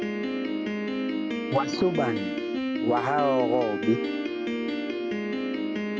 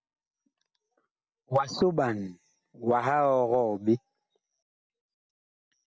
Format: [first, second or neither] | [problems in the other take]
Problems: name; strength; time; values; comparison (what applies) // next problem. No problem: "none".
second | background sound (Piano); 1 dB above the speech